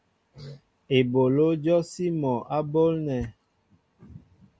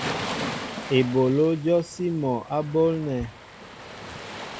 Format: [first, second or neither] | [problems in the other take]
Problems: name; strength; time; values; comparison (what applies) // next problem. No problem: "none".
first | background sound (Waves, surf); 10 dB below the speech